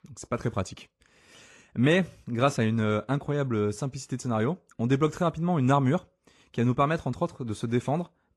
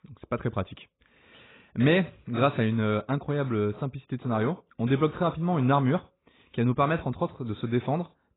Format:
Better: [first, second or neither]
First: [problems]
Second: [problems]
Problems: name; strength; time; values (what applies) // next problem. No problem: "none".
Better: first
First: garbled, watery; slightly; nothing above 11.5 kHz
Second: garbled, watery; badly; nothing above 4 kHz